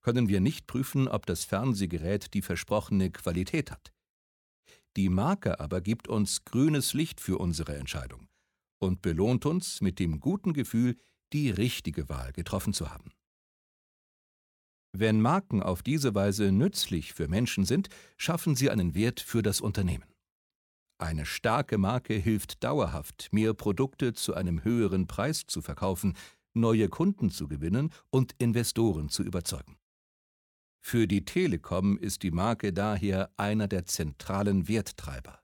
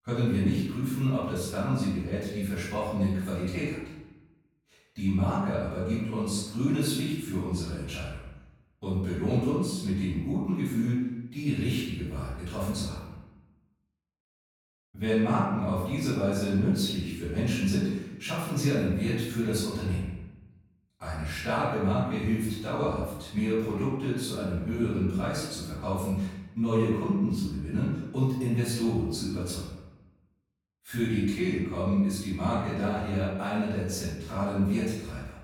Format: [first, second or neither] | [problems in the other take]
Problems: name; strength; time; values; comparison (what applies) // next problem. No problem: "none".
first | off-mic speech; far // room echo; strong; dies away in 0.9 s